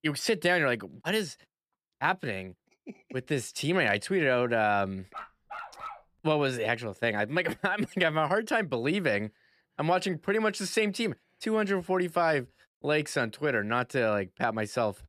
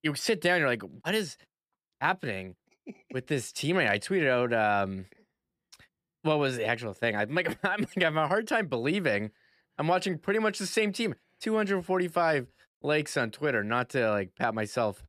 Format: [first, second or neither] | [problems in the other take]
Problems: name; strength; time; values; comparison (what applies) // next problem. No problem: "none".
second | dog barking; faint; at 5 s; peak 10 dB below the speech